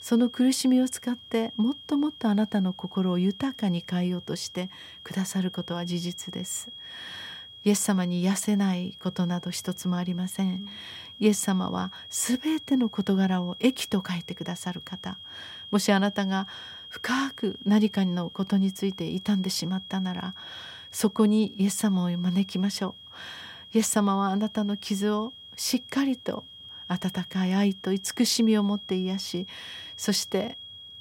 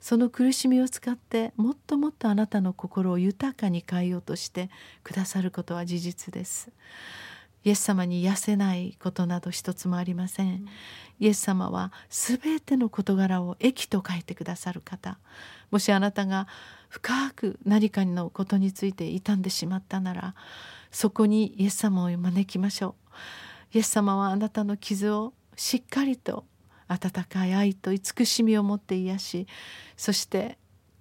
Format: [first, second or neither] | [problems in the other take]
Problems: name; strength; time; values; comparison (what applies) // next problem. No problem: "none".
second | high-pitched whine; noticeable; throughout; 3.5 kHz, 15 dB below the speech